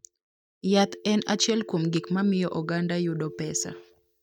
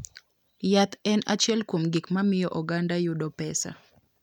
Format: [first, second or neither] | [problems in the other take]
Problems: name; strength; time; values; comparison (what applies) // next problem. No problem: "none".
second | noise reduction (neural mask model DeepFilterNet 3)